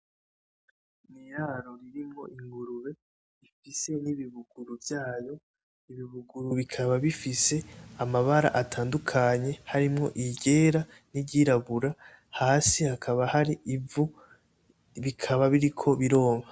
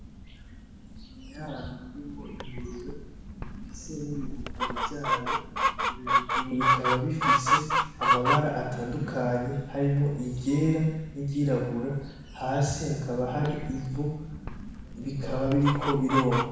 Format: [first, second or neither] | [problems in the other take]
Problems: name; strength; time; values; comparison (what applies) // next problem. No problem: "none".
first | background sound (Chicken, rooster); 1 dB below the speech // room echo; dies away in 1.1 s